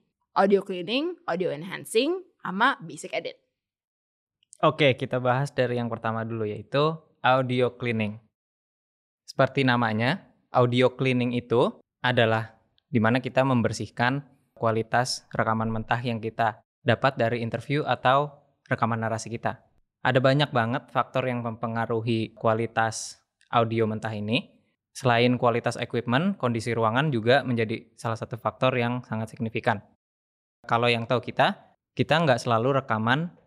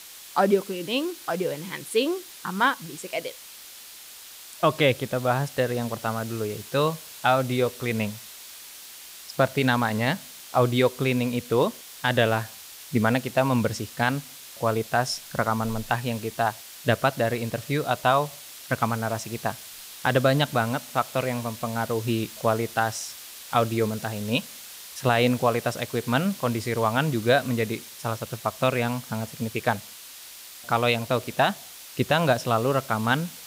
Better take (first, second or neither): first